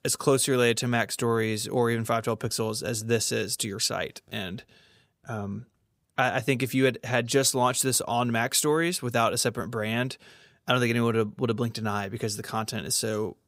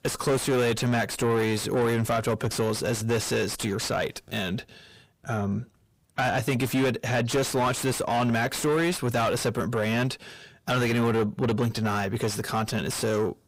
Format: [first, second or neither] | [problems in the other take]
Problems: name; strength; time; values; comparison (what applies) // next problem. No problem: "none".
first | distortion; heavy; 6 dB below the speech